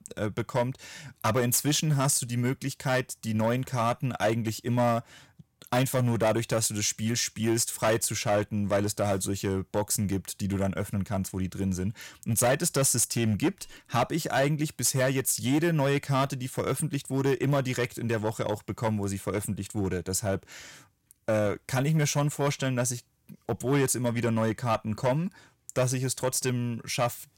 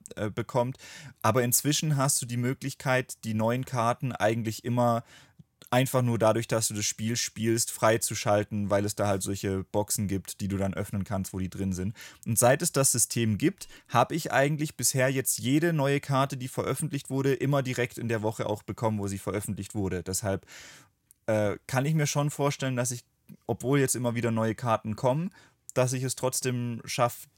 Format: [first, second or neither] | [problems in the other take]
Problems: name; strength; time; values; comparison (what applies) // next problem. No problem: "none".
second | distortion; slight; 5% of the sound clipped